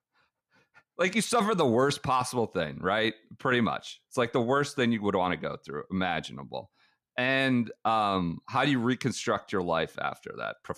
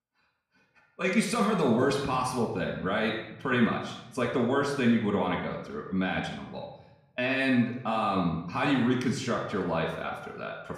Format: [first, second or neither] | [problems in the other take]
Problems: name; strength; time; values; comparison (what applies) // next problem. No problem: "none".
first | off-mic speech; somewhat distant // room echo; noticeable; dies away in 0.7 s